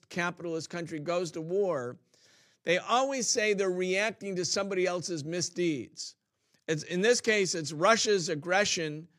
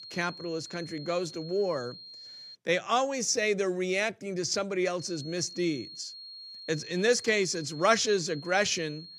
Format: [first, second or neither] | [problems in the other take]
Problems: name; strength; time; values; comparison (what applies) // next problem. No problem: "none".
first | high-pitched whine; noticeable; until 2.5 s and from 5 s on; 4 kHz, 15 dB below the speech